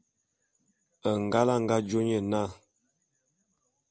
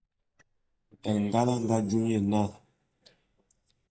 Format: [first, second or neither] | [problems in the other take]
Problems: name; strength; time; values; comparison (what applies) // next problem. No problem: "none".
first | noise reduction (neural mask model DeepFilterNet 3)